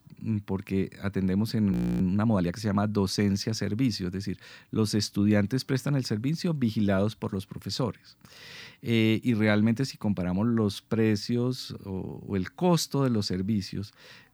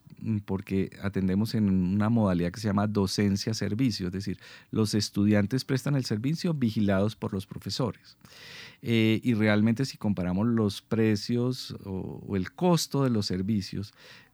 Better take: second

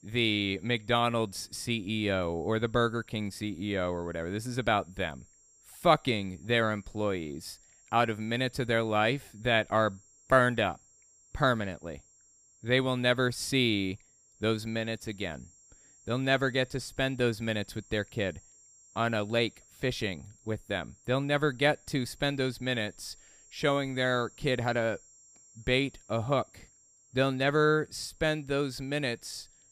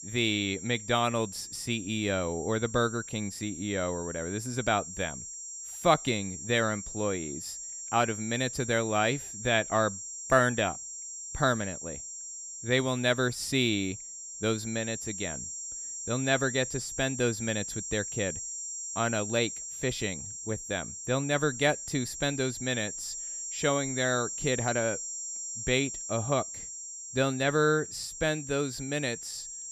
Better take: first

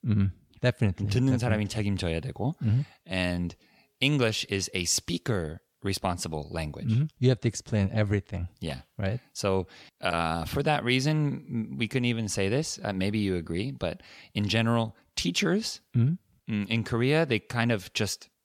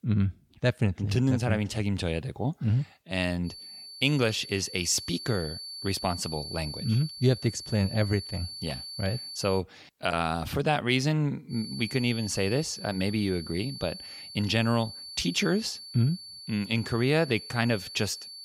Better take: first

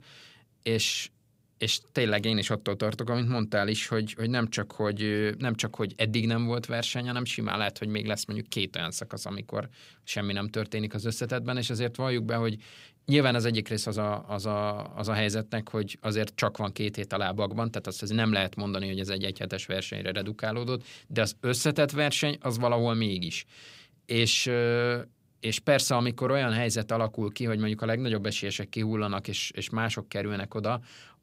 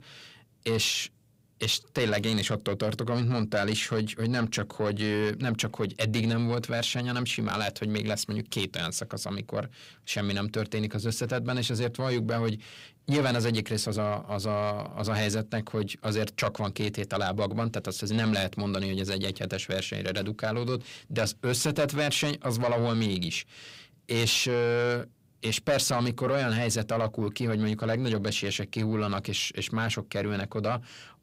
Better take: first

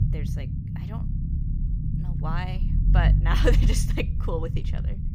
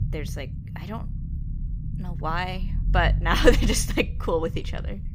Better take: second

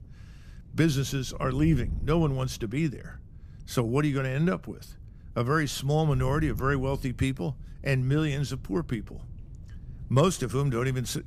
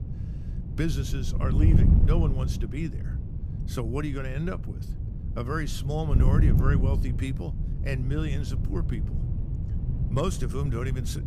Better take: first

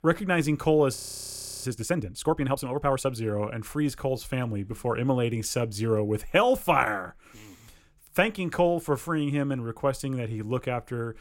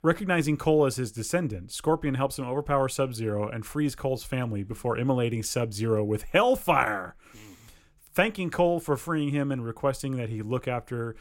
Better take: second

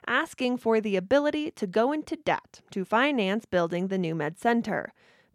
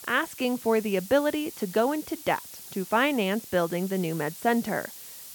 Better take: first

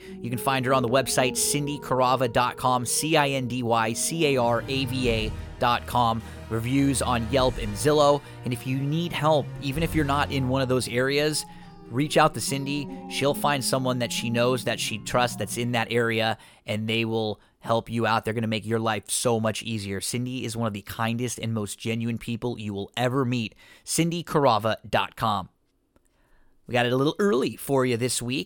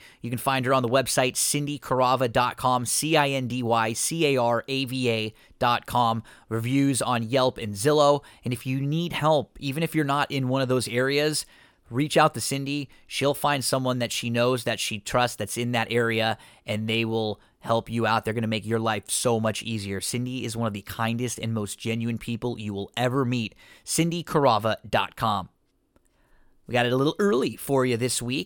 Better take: second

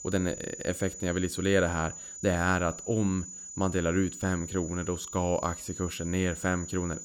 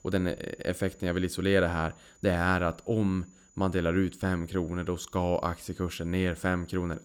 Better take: second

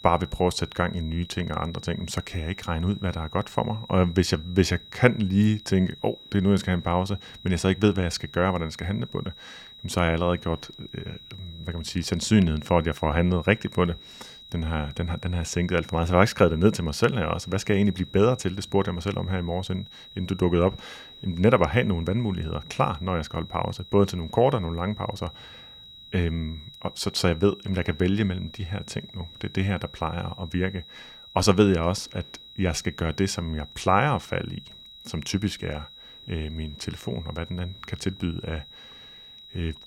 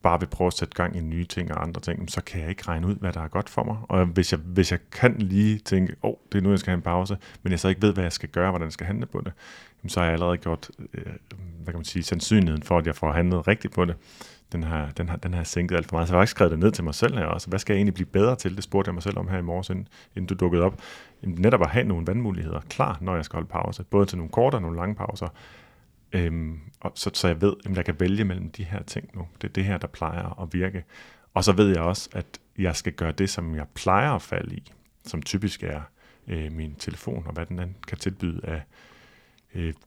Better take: second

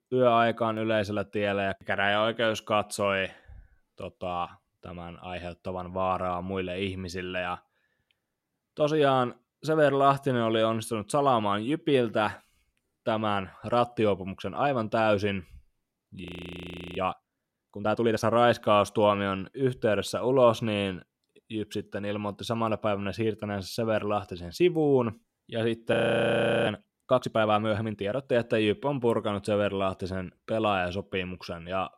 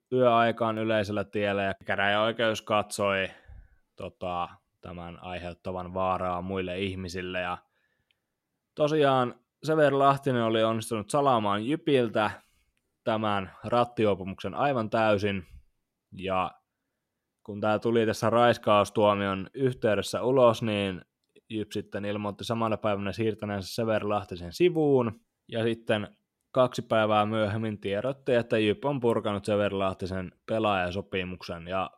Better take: second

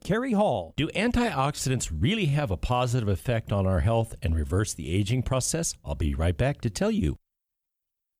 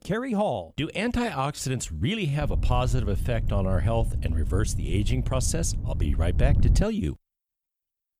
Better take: first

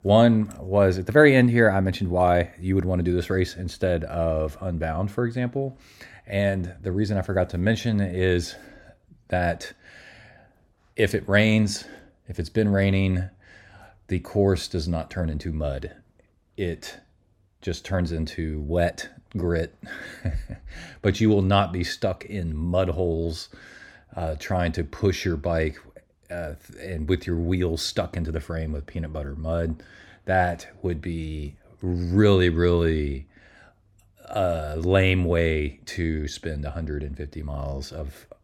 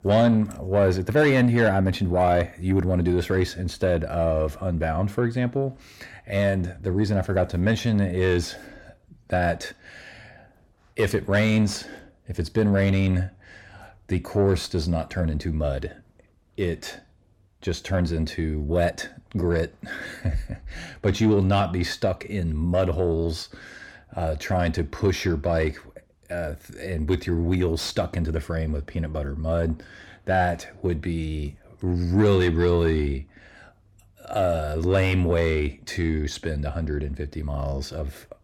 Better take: first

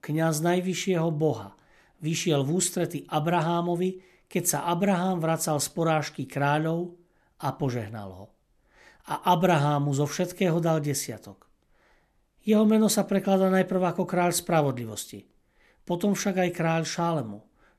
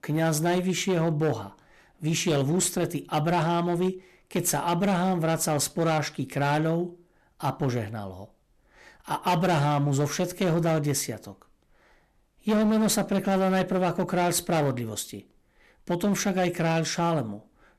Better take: first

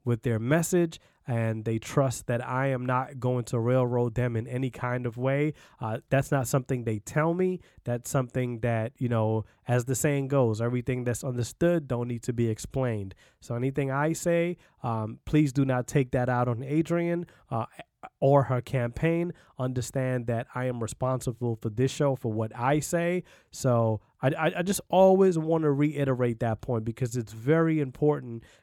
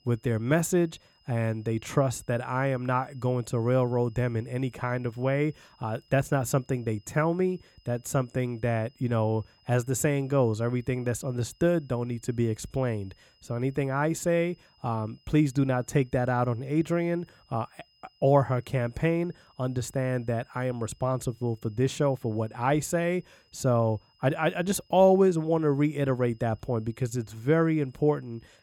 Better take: first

